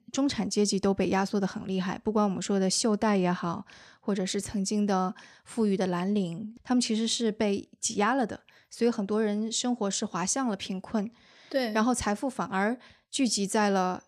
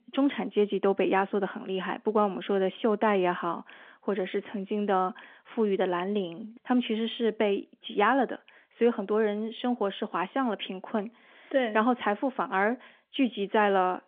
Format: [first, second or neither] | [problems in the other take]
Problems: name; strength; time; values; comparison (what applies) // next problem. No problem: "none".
first | phone-call audio; nothing above 3.5 kHz